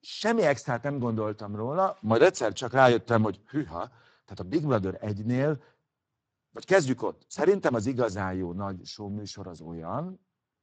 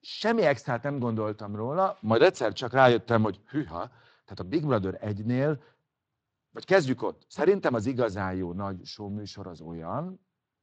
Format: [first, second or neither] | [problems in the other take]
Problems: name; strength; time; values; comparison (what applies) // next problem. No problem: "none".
second | garbled, watery; badly; nothing above 7.5 kHz; slightly in the second